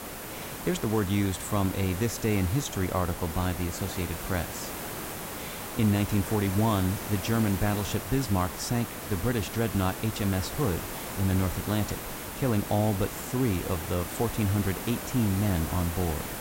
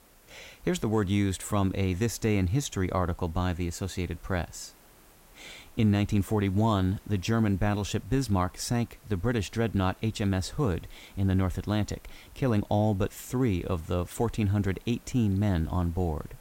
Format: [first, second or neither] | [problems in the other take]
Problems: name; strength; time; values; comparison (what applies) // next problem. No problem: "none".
second | hiss; loud; throughout; 7 dB below the speech; faint in the second